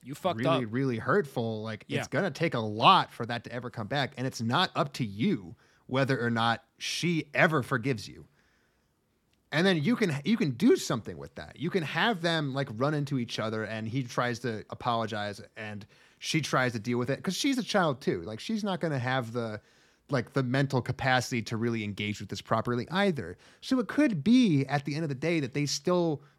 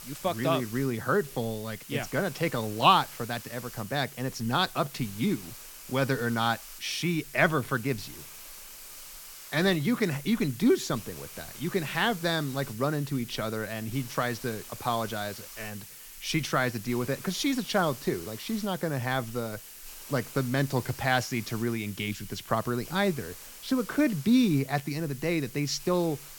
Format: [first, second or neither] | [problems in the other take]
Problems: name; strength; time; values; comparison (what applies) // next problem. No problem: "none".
first | hiss; noticeable; throughout; 15 dB below the speech